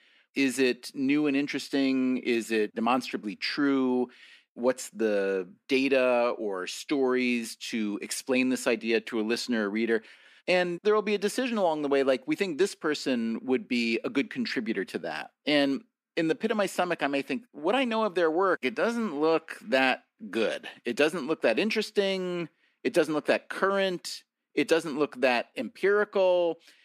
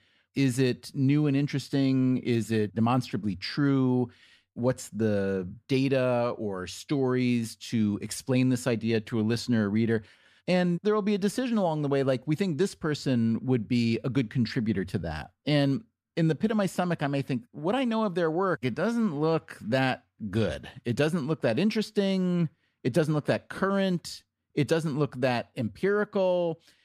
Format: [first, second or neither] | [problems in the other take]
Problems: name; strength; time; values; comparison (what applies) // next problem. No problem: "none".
second | thin; very slightly; fading below 250 Hz